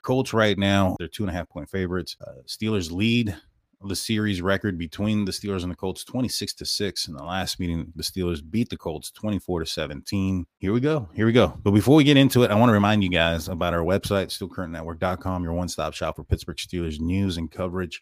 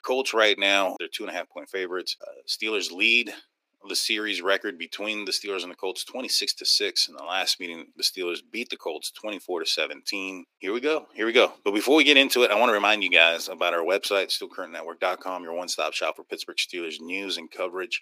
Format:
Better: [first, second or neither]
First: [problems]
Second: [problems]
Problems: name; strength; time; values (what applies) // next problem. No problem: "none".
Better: first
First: none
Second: thin; somewhat; fading below 350 Hz